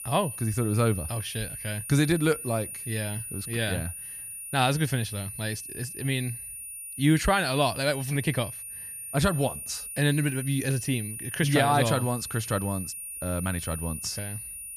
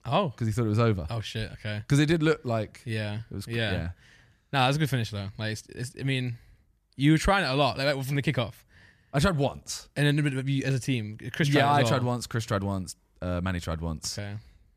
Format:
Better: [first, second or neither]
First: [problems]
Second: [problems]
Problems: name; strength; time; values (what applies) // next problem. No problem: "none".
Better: second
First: high-pitched whine; loud; throughout; 9.5 kHz, 8 dB below the speech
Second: none